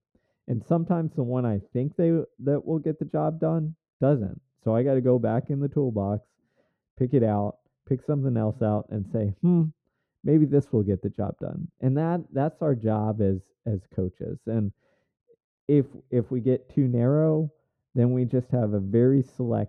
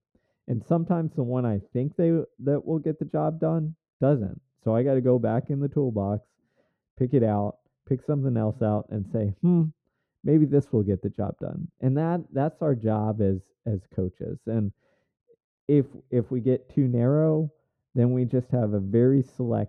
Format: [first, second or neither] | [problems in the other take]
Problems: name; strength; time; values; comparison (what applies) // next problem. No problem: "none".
neither | muffled; very; fading above 1 kHz; the same in both